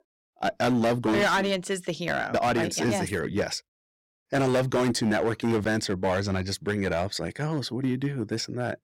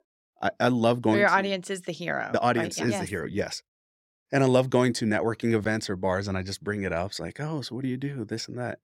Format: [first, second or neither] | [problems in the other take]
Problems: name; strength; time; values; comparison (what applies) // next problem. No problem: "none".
second | distortion; heavy; 9% of the sound clipped